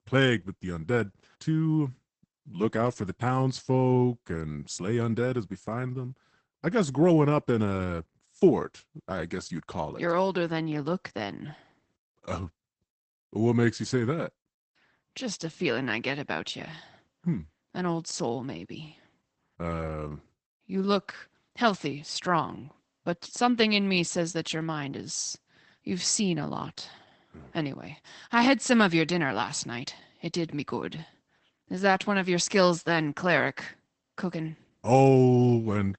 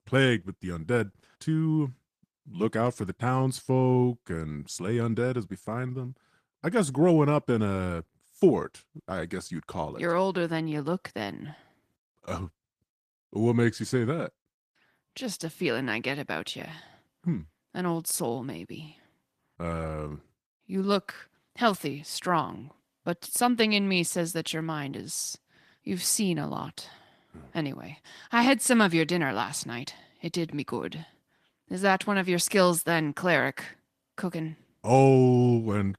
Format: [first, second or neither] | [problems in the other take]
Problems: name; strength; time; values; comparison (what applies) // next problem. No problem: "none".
second | garbled, watery; badly; nothing above 8 kHz; slightly in the second